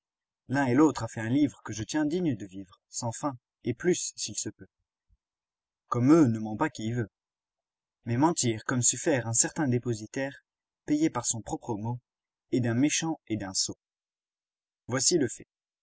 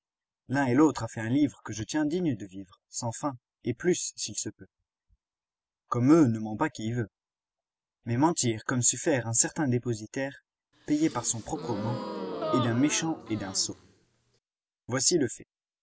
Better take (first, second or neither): first